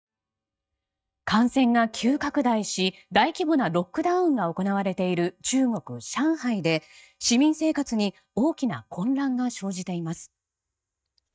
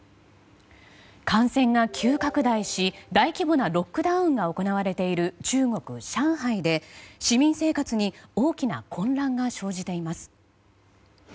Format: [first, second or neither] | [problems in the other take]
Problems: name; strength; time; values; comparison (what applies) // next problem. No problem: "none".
second | noise reduction (neural mask model DeepFilterNet 3)